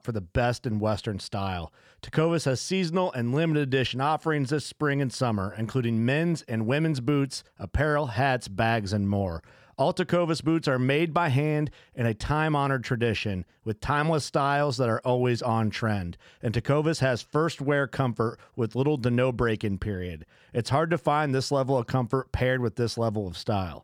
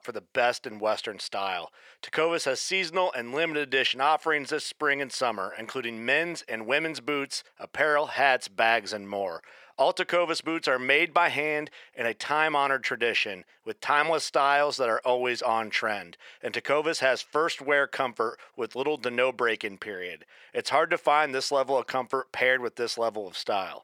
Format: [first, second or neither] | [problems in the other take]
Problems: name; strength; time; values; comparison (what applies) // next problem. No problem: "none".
first | thin; very; fading below 550 Hz